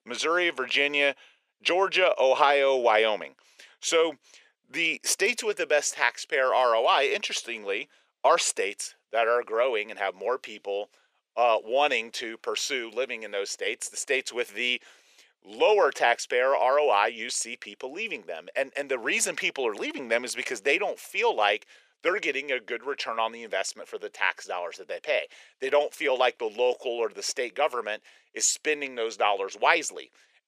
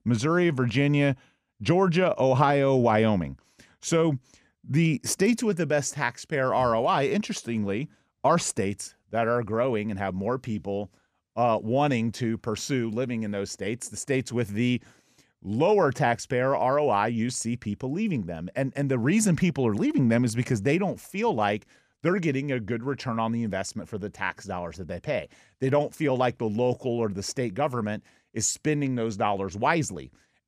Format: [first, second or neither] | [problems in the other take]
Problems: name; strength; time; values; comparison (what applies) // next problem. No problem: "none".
second | thin; very; fading below 450 Hz